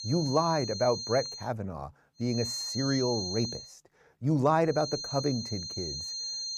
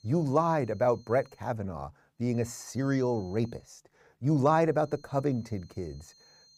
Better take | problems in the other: second | high-pitched whine; loud; until 1.5 s, from 2.5 to 3.5 s and from 5 s on; 4 kHz, 5 dB below the speech; faint in the second

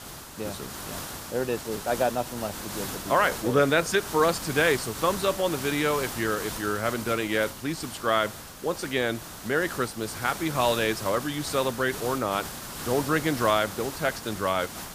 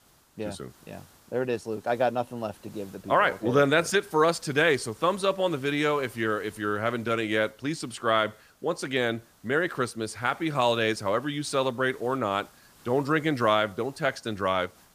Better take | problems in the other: second | hiss; loud; throughout; 9 dB below the speech; faint in the second

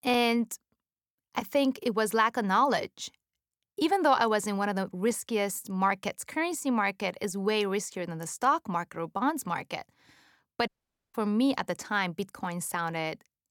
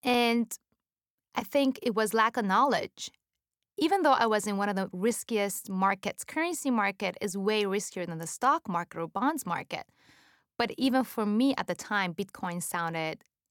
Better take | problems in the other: second | audio cutting out; at 11 s

